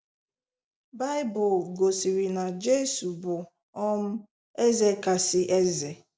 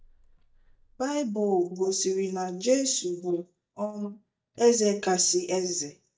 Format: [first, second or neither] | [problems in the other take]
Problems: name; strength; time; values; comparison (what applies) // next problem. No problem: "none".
first | noise reduction (neural mask model DeepFilterNet 3)